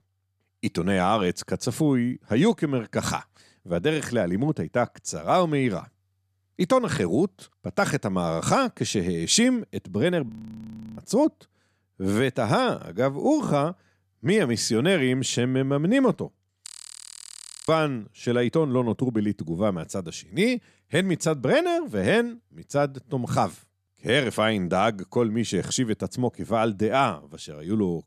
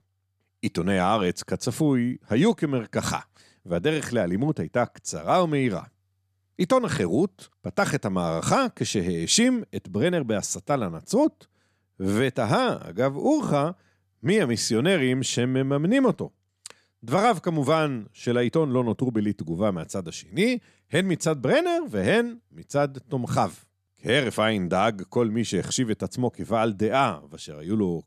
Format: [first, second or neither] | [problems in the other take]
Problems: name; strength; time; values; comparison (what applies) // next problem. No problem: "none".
second | audio freezing; at 10 s for 0.5 s and at 17 s for 1 s